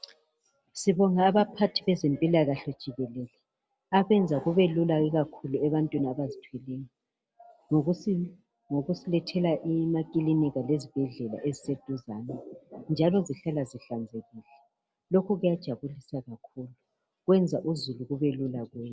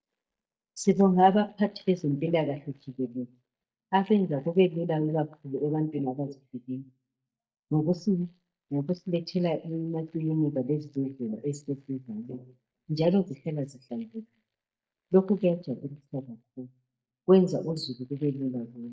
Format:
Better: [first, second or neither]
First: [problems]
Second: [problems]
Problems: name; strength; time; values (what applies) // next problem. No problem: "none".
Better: first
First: none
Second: noise reduction (neural mask model DeepFilterNet 3)